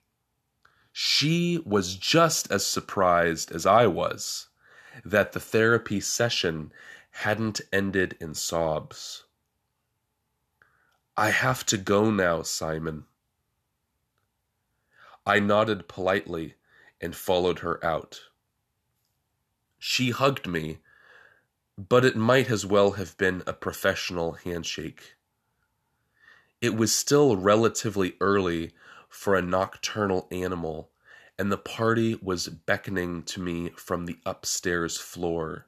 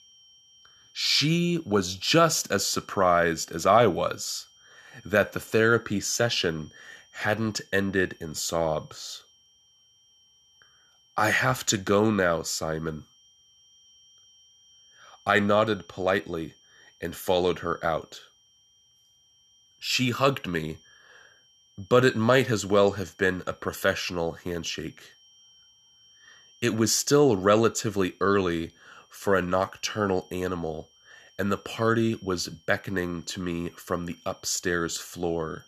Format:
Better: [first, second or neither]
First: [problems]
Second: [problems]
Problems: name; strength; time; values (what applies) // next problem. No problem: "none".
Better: first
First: none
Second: high-pitched whine; faint; throughout; 3 kHz, 30 dB below the speech